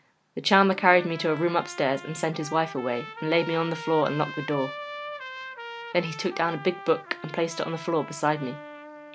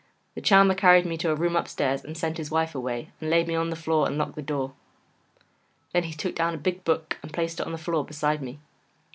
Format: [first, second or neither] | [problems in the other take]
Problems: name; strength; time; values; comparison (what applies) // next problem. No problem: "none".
second | background sound (Trumpet); 13 dB below the speech